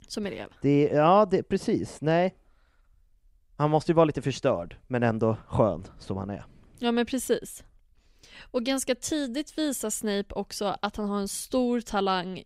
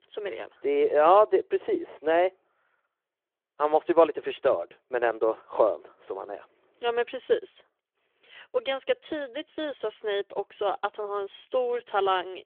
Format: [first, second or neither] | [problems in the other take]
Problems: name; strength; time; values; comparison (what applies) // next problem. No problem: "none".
first | phone-call audio; nothing above 3.5 kHz